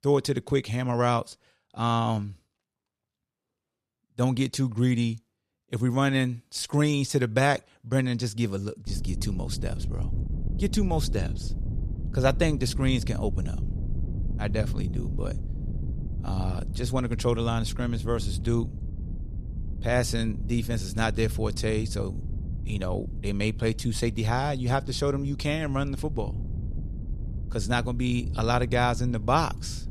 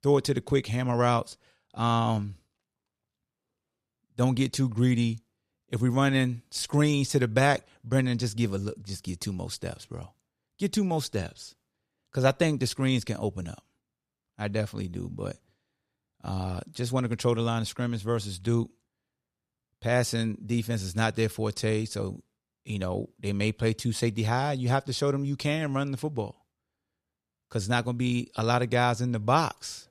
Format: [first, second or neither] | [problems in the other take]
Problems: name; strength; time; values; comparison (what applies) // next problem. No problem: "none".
second | wind noise on the microphone; occasional gusts; from 9 s on; 15 dB below the speech